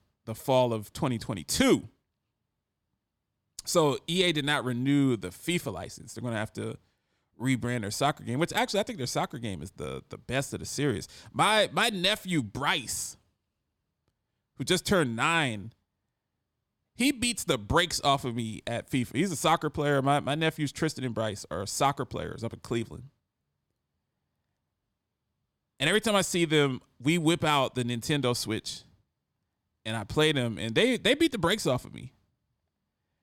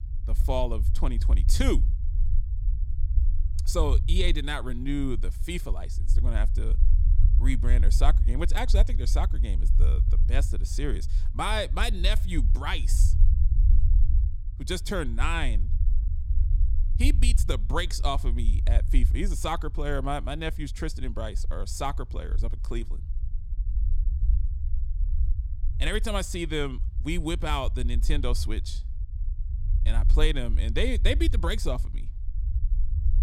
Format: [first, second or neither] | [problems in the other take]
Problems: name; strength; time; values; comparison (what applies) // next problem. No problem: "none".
first | low rumble; noticeable; throughout; 15 dB below the speech